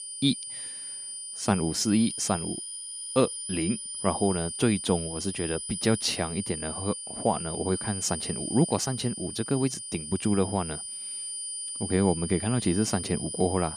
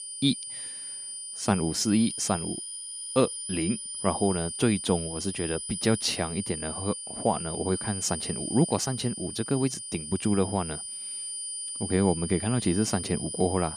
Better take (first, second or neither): neither